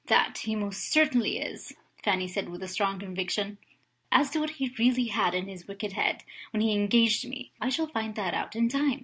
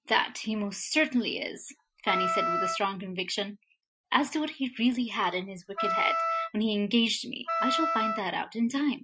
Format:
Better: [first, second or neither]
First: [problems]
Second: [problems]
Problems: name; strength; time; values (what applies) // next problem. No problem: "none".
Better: first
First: none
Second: noise reduction (classical method Wiener filter)